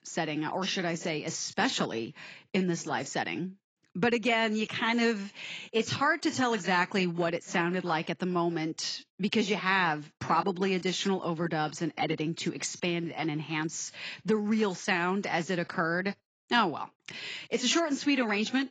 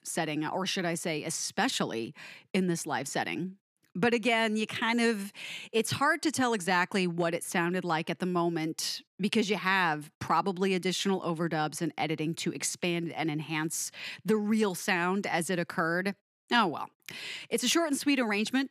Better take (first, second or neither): second